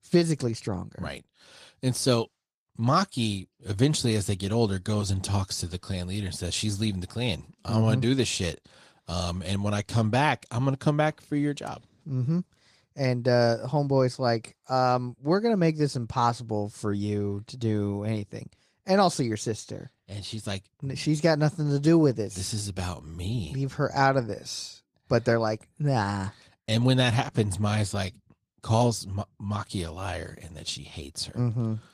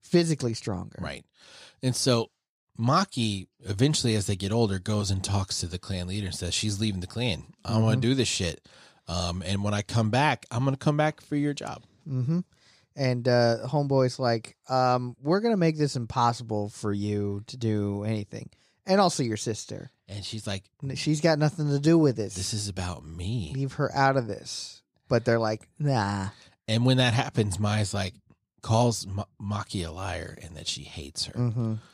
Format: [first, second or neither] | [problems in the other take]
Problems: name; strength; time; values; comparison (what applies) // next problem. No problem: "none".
second | garbled, watery; slightly; nothing above 14.5 kHz